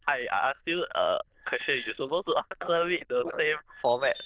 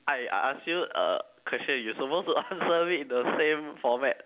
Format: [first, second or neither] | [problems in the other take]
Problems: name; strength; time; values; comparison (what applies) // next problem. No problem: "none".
second | noise reduction (neural diffusion model UNIVERSE++)